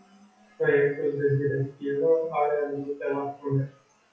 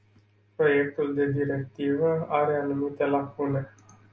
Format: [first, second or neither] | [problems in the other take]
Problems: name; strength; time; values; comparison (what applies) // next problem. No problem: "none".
second | noise reduction (classical method WPE with log-MMSE)